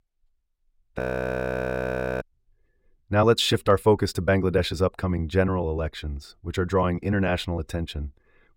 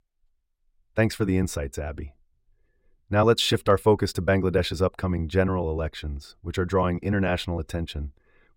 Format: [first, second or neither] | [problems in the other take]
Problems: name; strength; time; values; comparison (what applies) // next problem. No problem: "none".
second | audio freezing; at 1 s for 1 s